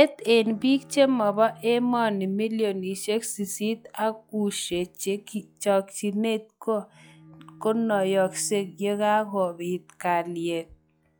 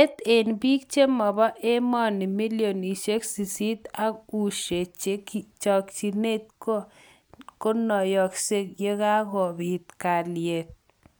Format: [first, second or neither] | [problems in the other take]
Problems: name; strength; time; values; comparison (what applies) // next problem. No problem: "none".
second | noise reduction (classical method log-MMSE)